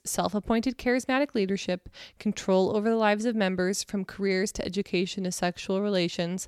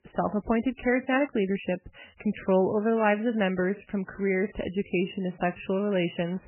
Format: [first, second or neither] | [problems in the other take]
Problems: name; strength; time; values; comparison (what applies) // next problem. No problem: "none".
first | garbled, watery; badly; nothing above 3 kHz